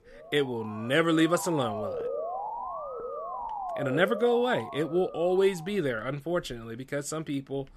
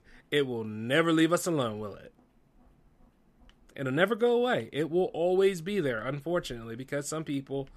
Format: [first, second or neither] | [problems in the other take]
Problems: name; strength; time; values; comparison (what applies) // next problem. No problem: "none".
second | siren; noticeable; until 5.5 s; peak 5 dB below the speech